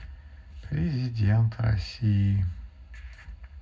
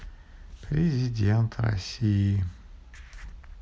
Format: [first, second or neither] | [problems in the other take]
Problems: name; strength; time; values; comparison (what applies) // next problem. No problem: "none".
second | room echo; dies away in 0.4 s